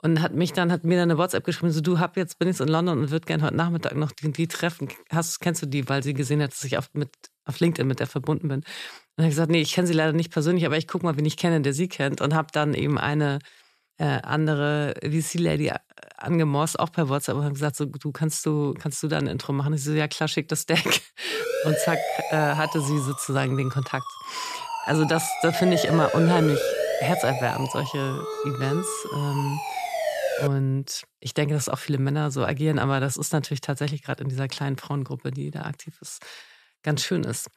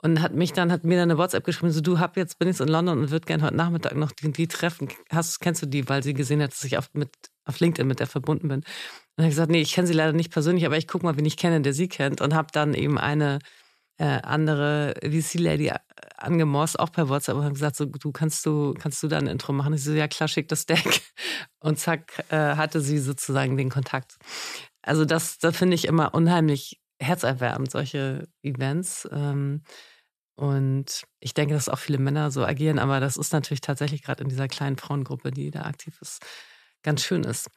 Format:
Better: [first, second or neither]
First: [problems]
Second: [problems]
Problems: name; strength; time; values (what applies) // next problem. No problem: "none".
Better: second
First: siren; loud; from 21 to 30 s; peak level with the speech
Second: none